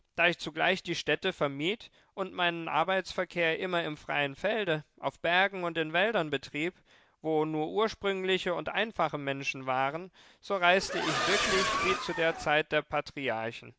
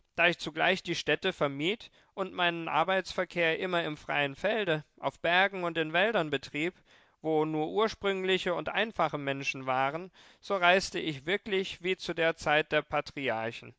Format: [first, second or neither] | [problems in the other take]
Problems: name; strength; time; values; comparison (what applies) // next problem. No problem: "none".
second | background sound (Accelerating, revving, vroom); 1 dB below the speech